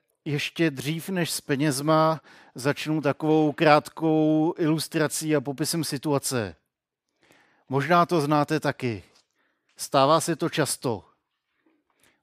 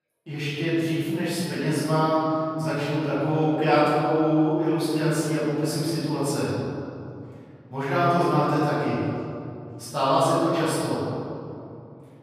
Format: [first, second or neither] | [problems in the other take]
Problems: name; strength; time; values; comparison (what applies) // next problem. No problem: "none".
first | off-mic speech; far // room echo; strong; dies away in 2.6 s